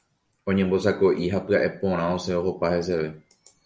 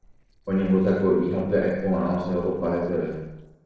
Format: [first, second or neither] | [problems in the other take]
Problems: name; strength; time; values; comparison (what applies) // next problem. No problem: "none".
first | noise reduction (neural separator model SepFormer DNS4)